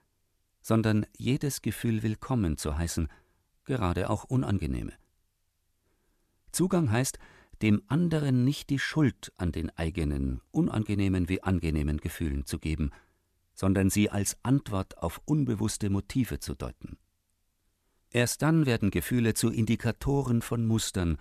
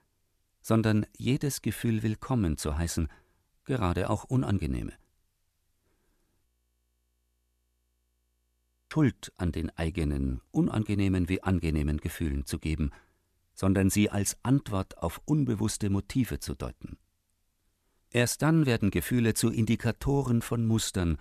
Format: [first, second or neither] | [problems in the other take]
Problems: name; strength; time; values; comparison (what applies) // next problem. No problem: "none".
first | audio freezing; at 6.5 s for 2.5 s